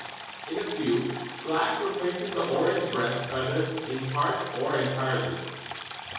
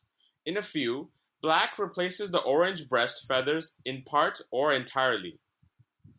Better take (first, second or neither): second